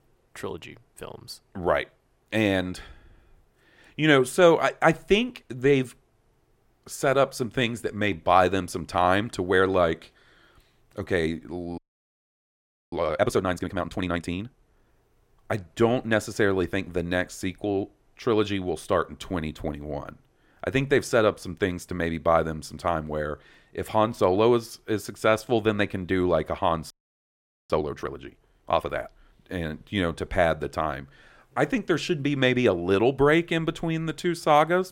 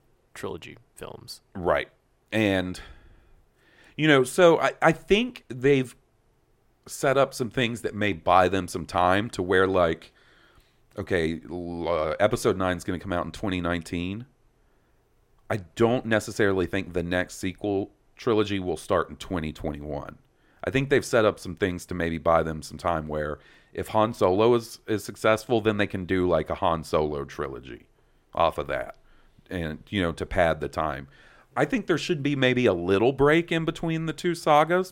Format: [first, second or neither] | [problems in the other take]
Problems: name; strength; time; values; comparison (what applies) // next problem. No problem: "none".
second | audio freezing; at 12 s for 1 s and at 27 s for 1 s